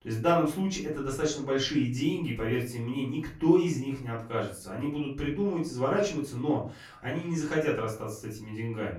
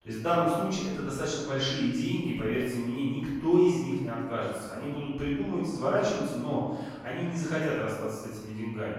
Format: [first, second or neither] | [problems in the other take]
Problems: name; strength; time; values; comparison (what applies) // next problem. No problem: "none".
first | room echo; strong; dies away in 1.2 s; slight in the first // off-mic speech; far; far in the first